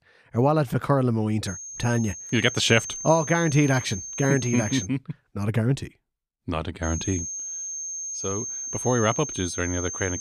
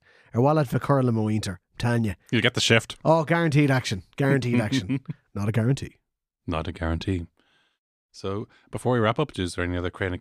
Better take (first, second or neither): second